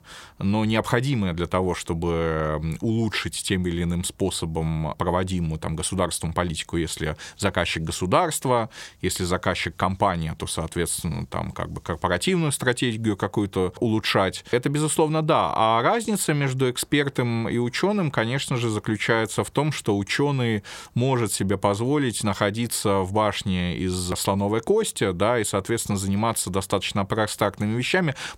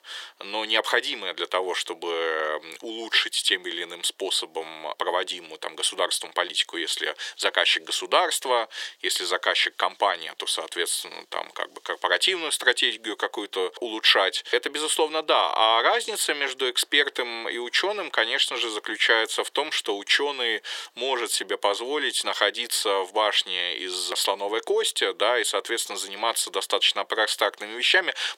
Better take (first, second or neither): first